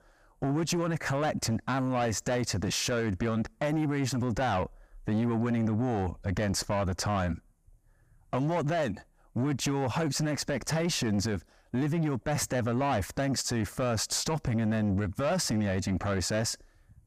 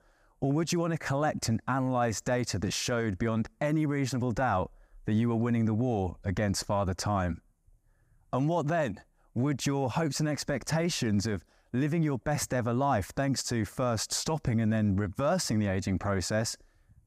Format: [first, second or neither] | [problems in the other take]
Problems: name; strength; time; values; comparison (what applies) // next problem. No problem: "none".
second | distortion; slight; 10 dB below the speech